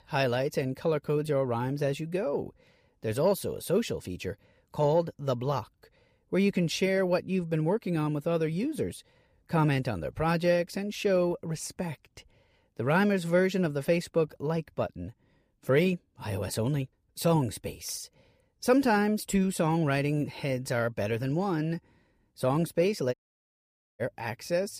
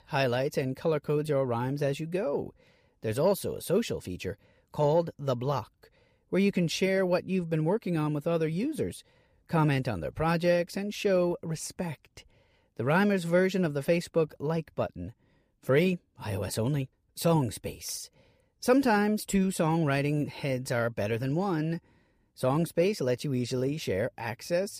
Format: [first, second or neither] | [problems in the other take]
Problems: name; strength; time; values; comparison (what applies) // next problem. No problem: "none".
second | audio cutting out; at 23 s for 1 s